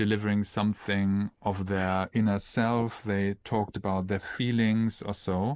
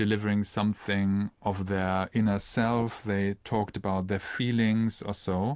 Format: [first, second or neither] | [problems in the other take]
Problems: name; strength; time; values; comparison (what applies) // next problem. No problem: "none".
second | noise reduction (neural mask model Resemble Enhance denoiser)